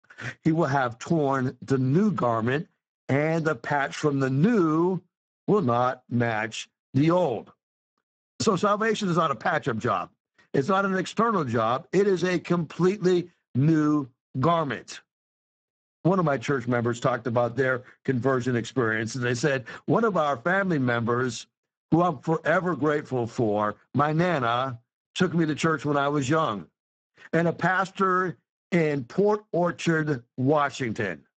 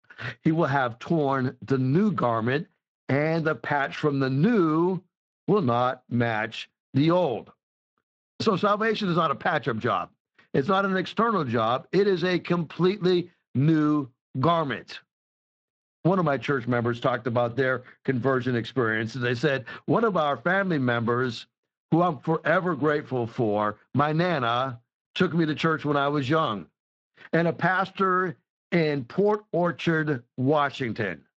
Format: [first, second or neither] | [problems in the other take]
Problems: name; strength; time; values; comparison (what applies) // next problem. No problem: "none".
second | garbled, watery; badly; nothing above 8 kHz; slightly in the second